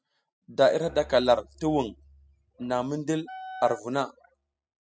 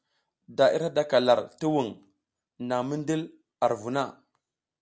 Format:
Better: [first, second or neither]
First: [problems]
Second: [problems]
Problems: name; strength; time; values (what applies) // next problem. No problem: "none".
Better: second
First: noise reduction (classical method spectral subtraction)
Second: none